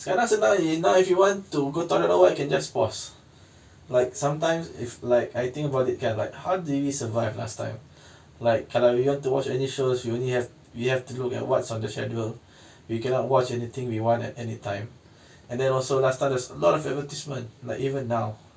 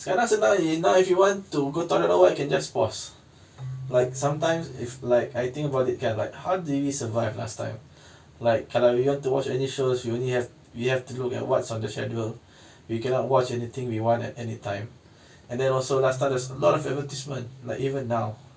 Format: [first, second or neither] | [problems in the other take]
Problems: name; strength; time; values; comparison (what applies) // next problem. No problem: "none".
first | background sound (Keyboard (musical)); 20 dB below the speech